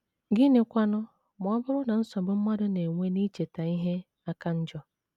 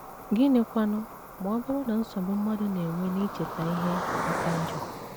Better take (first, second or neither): first